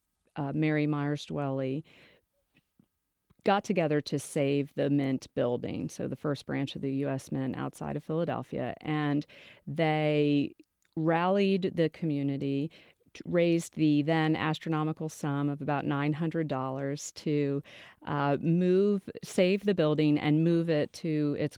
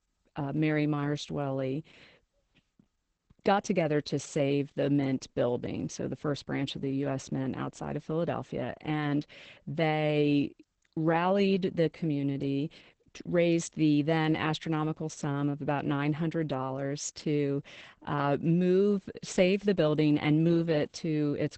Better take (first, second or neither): first